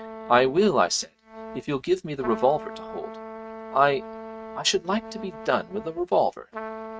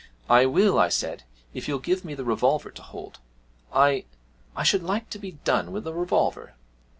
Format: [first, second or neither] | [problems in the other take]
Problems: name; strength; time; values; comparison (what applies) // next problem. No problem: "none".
second | noise reduction (neural mask model RNNoise)